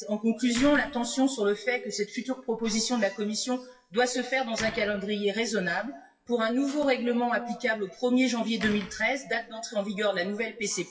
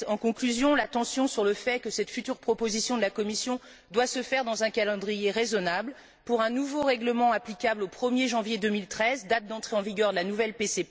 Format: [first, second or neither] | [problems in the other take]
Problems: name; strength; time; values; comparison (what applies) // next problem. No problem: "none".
second | noise reduction (classical method WPE with log-MMSE)